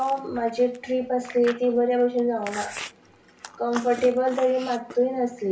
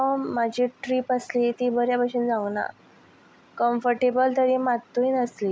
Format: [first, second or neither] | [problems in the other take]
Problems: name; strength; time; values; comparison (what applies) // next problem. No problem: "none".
second | background sound (Chewing, mastication); 17 dB below the speech // room echo; dies away in 0.4 s